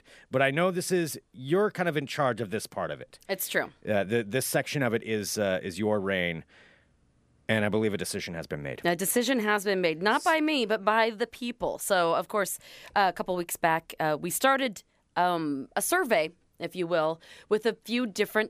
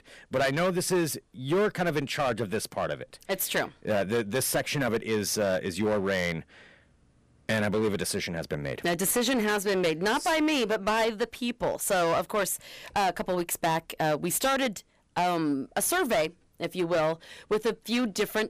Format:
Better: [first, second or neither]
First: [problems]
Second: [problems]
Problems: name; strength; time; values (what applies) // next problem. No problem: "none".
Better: first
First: none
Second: distortion; heavy; 11% of the sound clipped